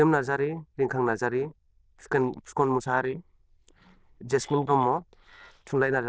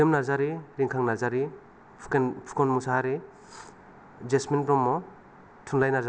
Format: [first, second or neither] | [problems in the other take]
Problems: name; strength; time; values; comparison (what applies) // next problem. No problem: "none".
second | noise reduction (neural diffusion model UNIVERSE++)